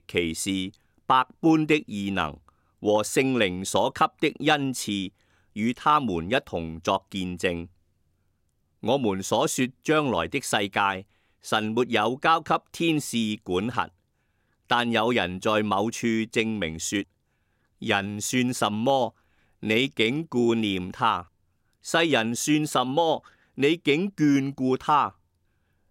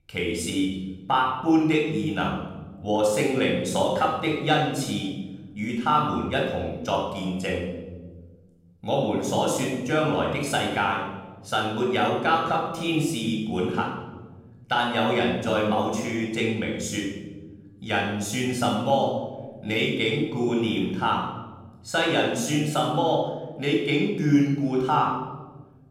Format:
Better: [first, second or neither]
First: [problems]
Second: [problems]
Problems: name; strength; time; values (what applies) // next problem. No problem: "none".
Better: first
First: none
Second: off-mic speech; somewhat distant // room echo; noticeable; dies away in 1.3 s